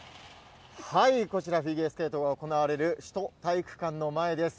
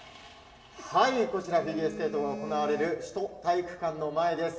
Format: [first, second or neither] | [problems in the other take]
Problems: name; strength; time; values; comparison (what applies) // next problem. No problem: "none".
first | background sound (Telephone); 15 dB below the speech // room echo; dies away in 0.8 s